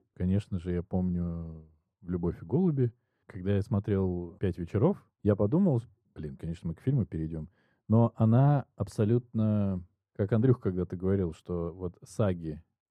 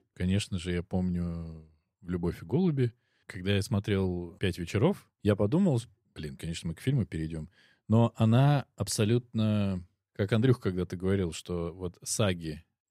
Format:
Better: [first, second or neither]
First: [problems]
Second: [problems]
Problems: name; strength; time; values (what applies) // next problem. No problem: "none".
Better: second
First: muffled; very; fading above 1.5 kHz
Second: none